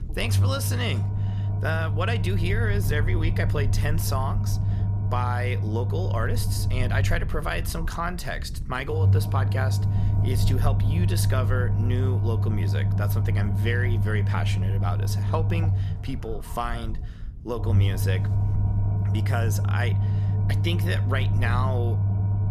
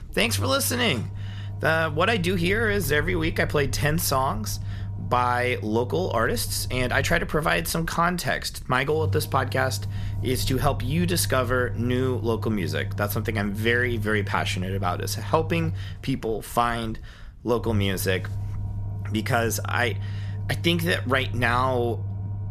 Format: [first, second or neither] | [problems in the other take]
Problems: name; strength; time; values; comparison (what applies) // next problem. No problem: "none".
second | low rumble; loud; throughout; 7 dB below the speech; faint in the second